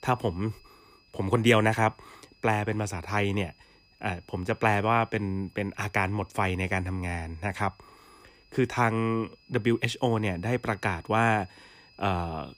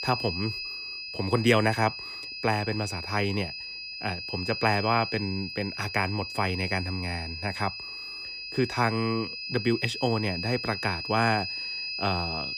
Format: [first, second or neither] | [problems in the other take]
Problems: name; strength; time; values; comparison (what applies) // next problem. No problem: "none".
first | high-pitched whine; loud; throughout; 5 kHz, 5 dB below the speech; faint in the first